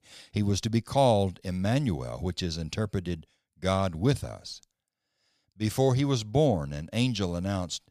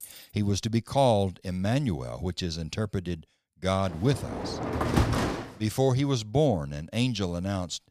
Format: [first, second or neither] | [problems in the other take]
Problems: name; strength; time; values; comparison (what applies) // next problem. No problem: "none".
first | jangling keys; faint; at the start; peak 15 dB below the speech // door banging; loud; from 4.5 to 5.5 s; peak 3 dB above the speech